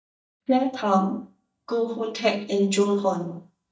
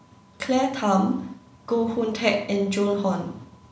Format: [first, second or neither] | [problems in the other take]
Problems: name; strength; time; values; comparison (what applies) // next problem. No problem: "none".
second | noise reduction (neural mask model DeepFilterNet 3)